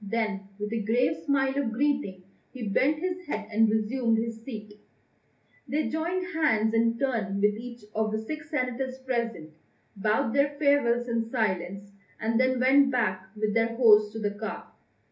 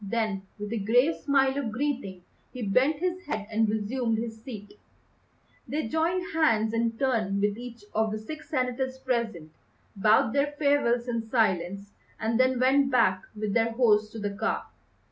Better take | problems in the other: second | room echo; dies away in 0.3 s

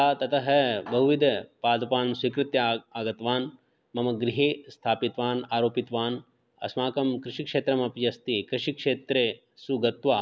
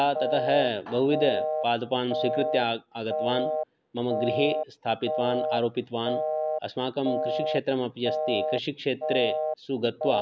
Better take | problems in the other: first | background sound (Telephone); 2 dB below the speech

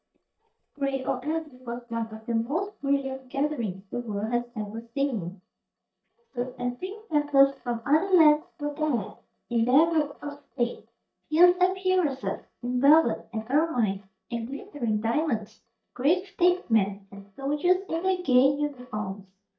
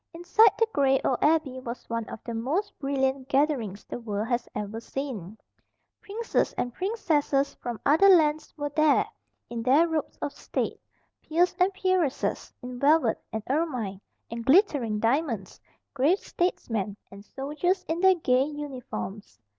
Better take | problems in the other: second | noise reduction (neural mask model DeepFilterNet 3)

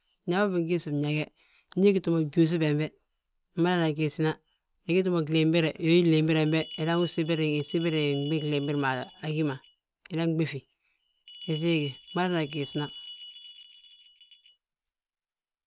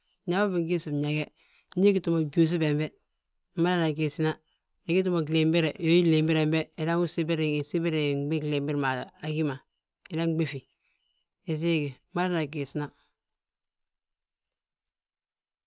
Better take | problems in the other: second | background sound (Bell); 17 dB below the speech

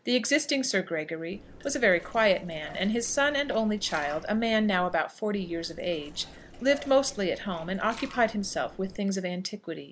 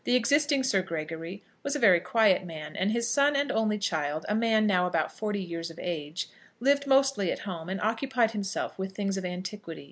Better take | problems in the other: second | background sound (Liquid); 18 dB below the speech

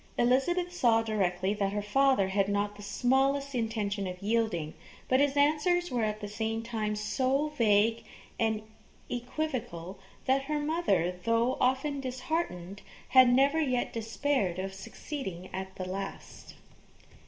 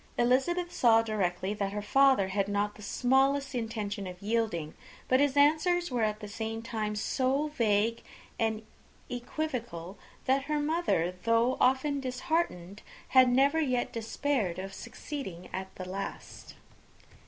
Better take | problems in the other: second | room echo; dies away in 0.5 s

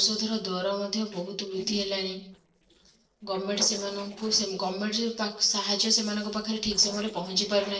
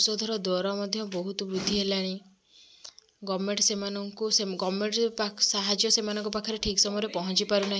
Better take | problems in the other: second | noise reduction (neural separator model SepFormer DNS4)

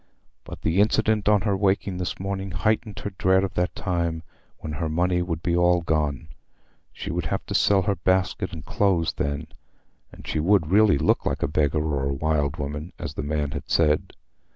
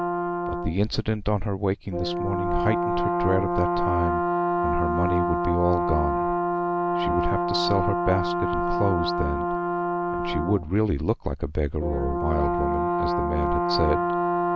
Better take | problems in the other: first | background sound (Brass instrument); 2 dB above the speech

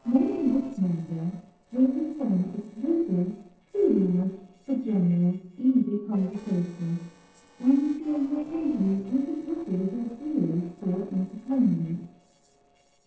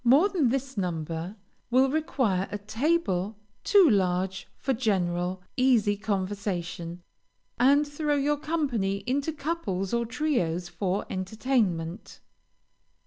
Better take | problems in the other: second | noise reduction (neural separator model SepFormer DNS4)

